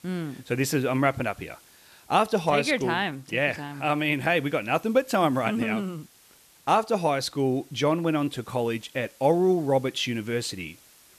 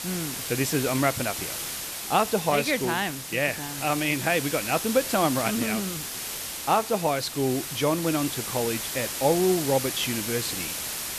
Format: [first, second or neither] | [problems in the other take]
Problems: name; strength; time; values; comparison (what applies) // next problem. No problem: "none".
first | hiss; loud; throughout; 5 dB below the speech; faint in the first